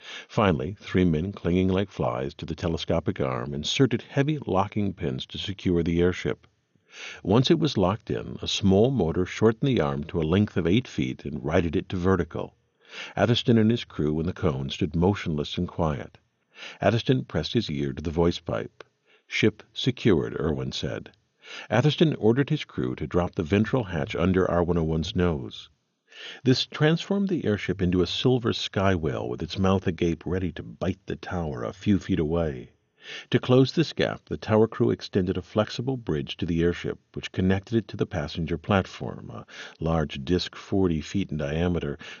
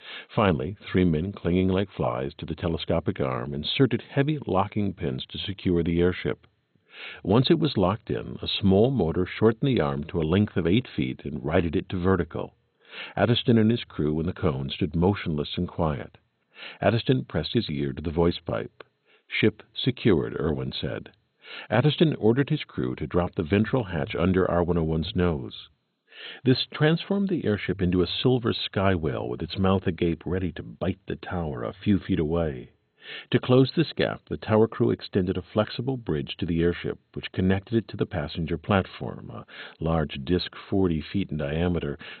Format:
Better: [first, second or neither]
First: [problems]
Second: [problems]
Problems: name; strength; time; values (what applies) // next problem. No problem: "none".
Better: first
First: garbled, watery; slightly; nothing above 6.5 kHz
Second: garbled, watery; badly; nothing above 4 kHz